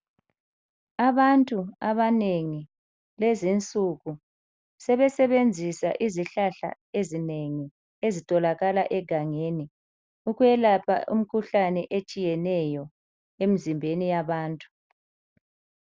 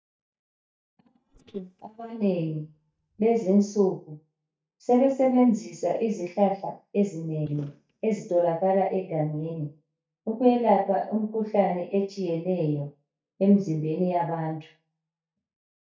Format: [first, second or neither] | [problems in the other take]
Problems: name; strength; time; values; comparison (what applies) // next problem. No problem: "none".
first | noise reduction (neural mask model DeepFilterNet 3)